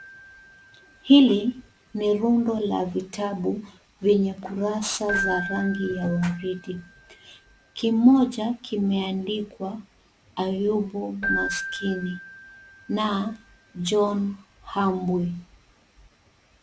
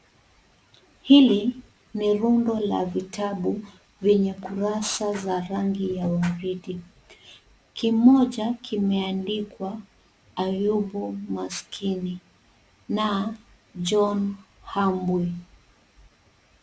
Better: second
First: background sound (Keyboard (musical)); 13 dB below the speech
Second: none

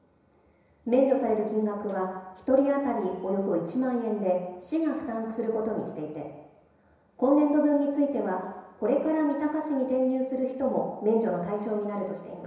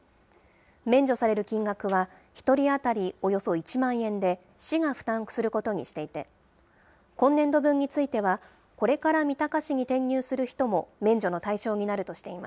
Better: second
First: room echo; dies away in 1 s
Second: none

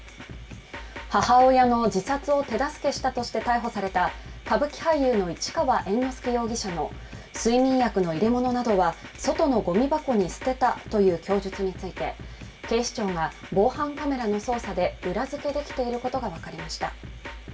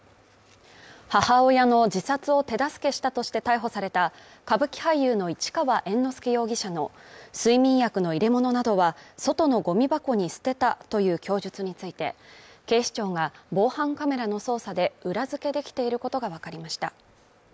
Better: second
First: background sound (Drum kit); 14 dB below the speech // room echo; dies away in 0.2 s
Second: none

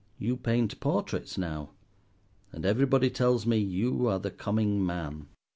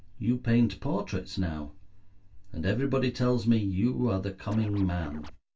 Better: first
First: none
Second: background sound (Scratching (performance technique)); 18 dB below the speech // room echo; dies away in 0.1 s

